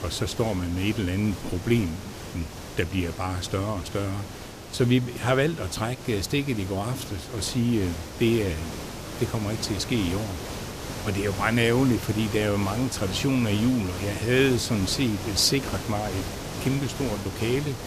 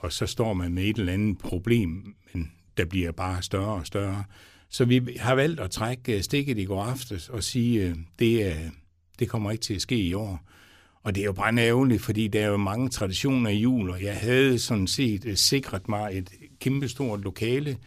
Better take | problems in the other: second | hiss; loud; throughout; 9 dB below the speech

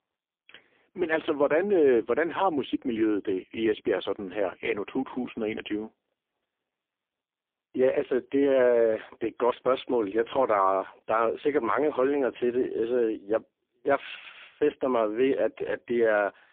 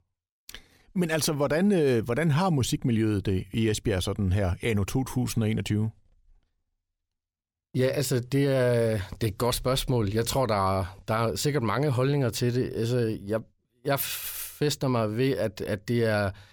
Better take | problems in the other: second | phone-call audio; poor line; nothing above 3.5 kHz

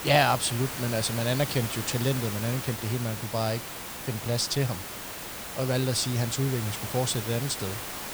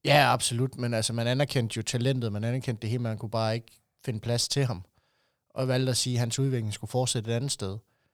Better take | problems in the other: second | hiss; loud; throughout; 6 dB below the speech

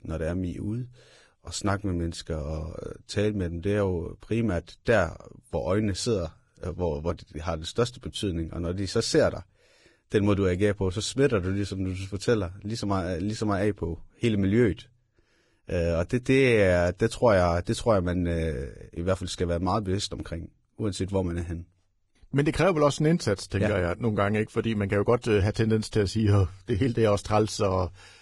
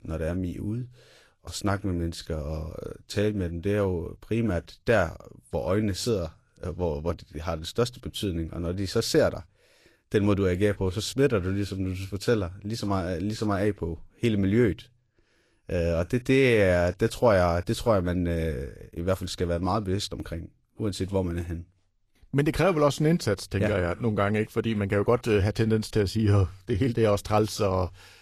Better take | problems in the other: second | garbled, watery; badly; nothing above 10.5 kHz; slightly in the second

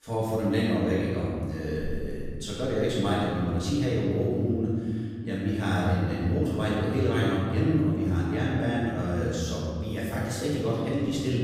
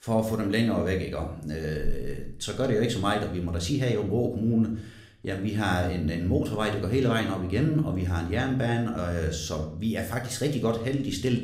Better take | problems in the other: second | room echo; strong; dies away in 2.2 s; slight in the second // off-mic speech; far

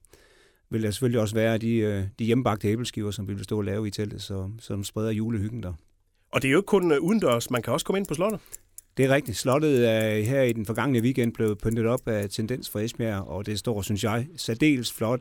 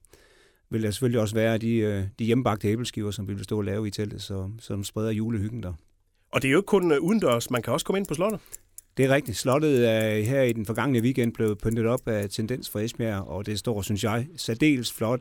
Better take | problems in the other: neither | traffic noise; faint; from 7 s on; 20 dB below the speech; the same in both

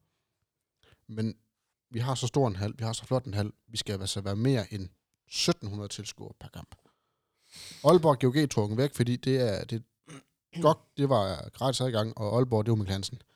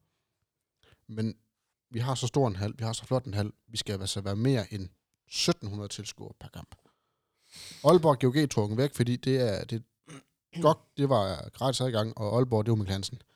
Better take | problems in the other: neither | none

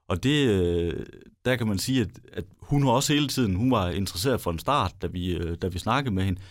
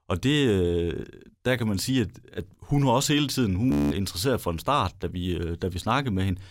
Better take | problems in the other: first | audio freezing; at 3.5 s

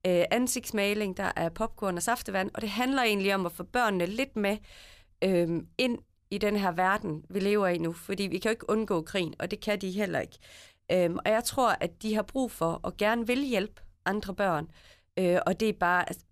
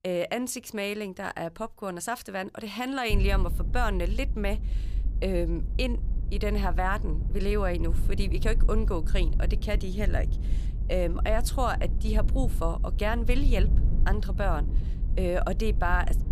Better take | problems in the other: first | low rumble; noticeable; from 3 s on; 15 dB below the speech

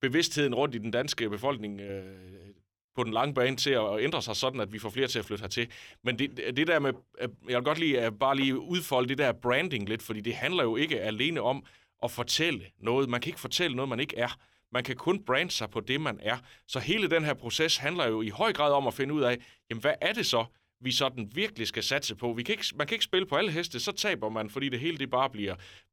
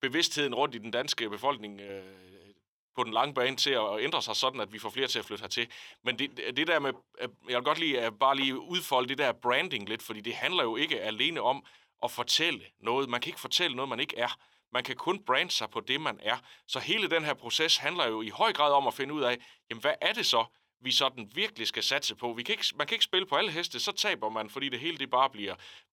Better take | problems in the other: first | thin; very slightly; fading below 350 Hz

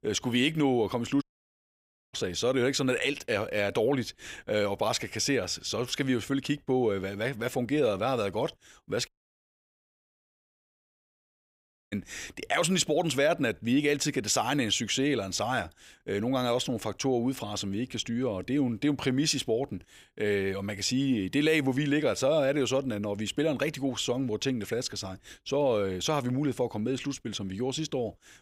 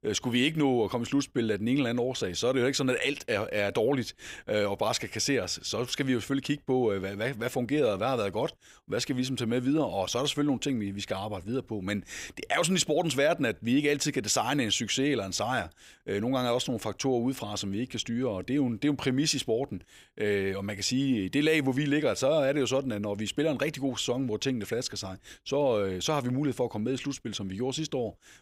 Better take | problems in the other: second | audio cutting out; at 1 s for 1 s and at 9 s for 3 s

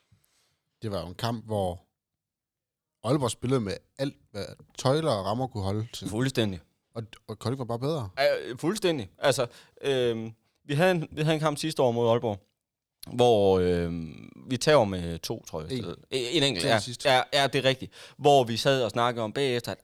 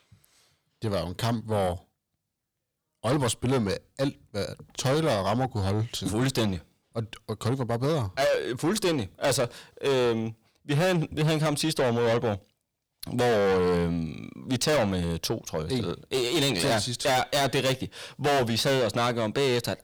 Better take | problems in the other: first | distortion; heavy; 6 dB below the speech

